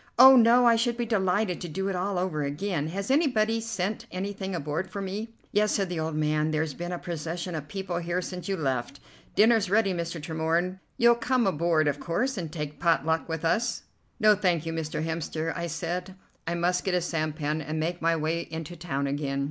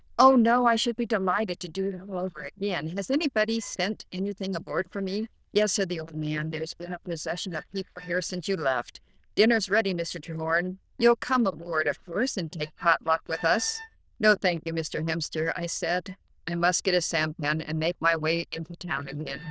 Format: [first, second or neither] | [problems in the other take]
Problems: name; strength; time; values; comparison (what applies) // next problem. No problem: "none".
first | noise reduction (neural diffusion model UNIVERSE++)